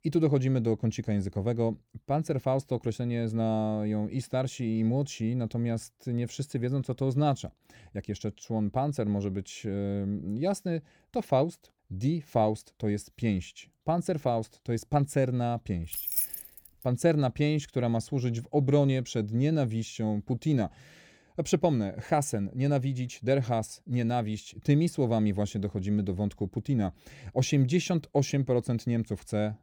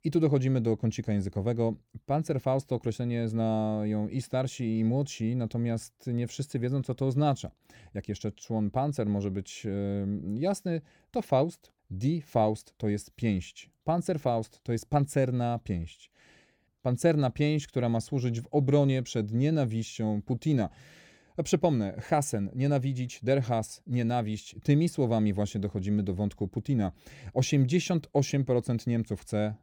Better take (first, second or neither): second